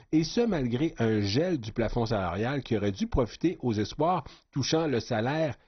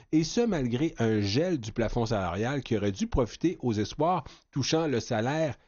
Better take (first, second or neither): second